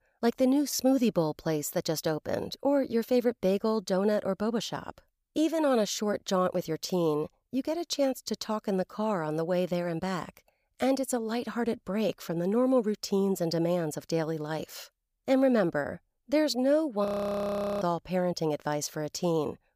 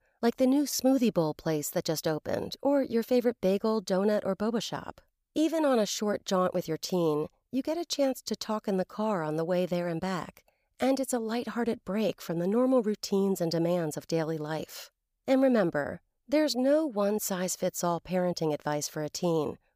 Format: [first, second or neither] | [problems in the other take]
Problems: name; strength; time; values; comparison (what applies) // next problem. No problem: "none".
second | audio freezing; at 17 s for 1 s